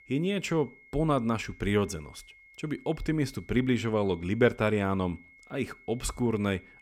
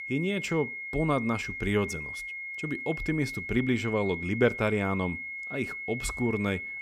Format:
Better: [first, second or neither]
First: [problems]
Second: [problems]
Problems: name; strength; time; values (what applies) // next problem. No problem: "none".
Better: first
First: high-pitched whine; faint; throughout; 2 kHz, 25 dB below the speech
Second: high-pitched whine; loud; throughout; 2 kHz, 6 dB below the speech